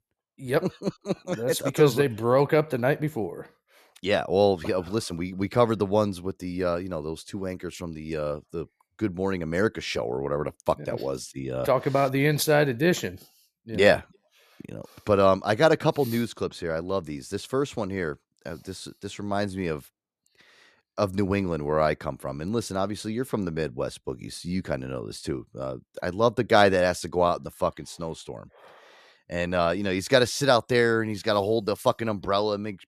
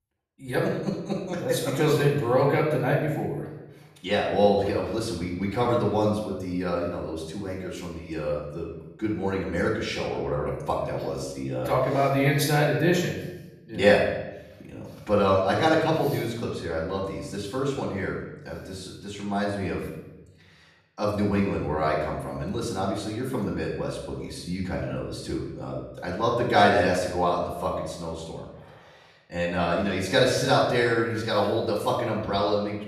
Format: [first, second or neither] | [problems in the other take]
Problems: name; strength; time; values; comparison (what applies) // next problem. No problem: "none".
first | off-mic speech; far // room echo; noticeable; dies away in 0.8 s